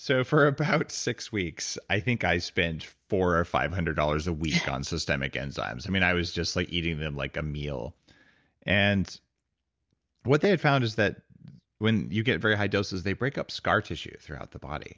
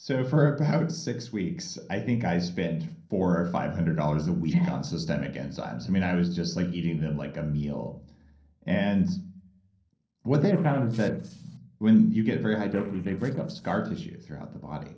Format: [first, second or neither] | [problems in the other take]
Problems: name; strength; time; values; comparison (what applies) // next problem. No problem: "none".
first | noise reduction (neural separator model SepFormer DNS4)